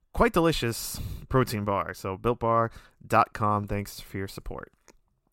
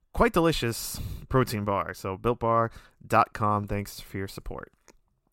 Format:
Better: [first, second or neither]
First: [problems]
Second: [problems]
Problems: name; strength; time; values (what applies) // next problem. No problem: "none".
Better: neither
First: none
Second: none